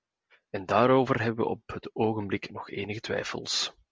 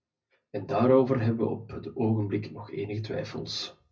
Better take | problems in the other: first | room echo; dies away in 0.4 s

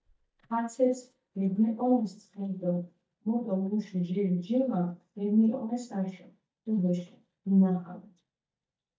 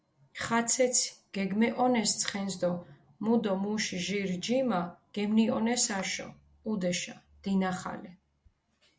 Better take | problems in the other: second | noise reduction (neural mask model DeepFilterNet 3)

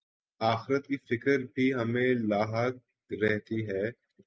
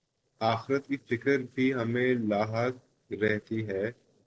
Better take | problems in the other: first | noise reduction (neural separator model SepFormer DNS4)

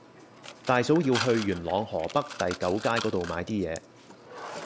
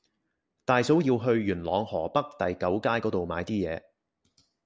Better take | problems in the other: second | background sound (Mechanisms); 11 dB below the speech

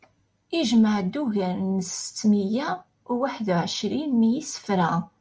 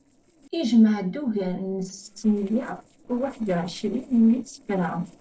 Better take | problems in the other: first | noise reduction (neural separator model SepFormer DNS4)

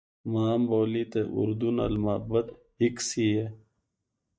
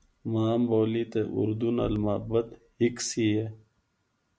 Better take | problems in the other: second | noise reduction (neural mask model DeepFilterNet 3)

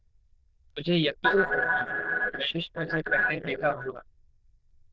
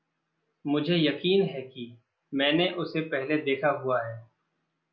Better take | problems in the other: second | noise reduction (neural diffusion model UNIVERSE++)

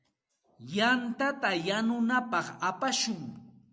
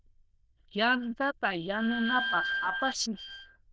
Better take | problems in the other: first | noise reduction (neural diffusion model UNIVERSE++)

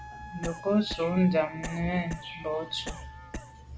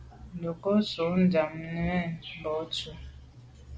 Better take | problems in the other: second | background sound (Cough + Wind instrument, woodwind instrument); 12 dB below the speech

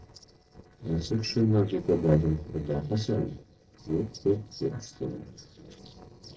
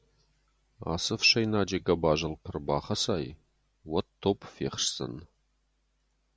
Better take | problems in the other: second | noise reduction (neural separator model SepFormer DNS4)

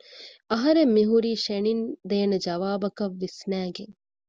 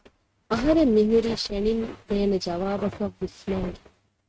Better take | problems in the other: first | noise reduction (neural mask model RNNoise)

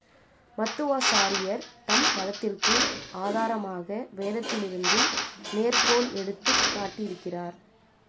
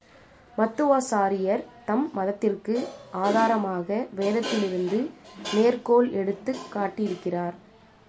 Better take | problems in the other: second | background sound (Drill); 2 dB above the speech

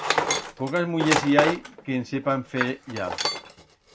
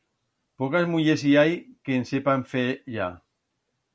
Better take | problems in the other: second | background sound (Tools); 2 dB below the speech

